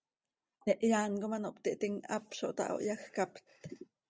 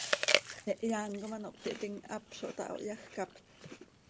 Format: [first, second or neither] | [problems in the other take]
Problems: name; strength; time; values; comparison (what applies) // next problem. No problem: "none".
first | background sound (Chewing, mastication); 1 dB above the speech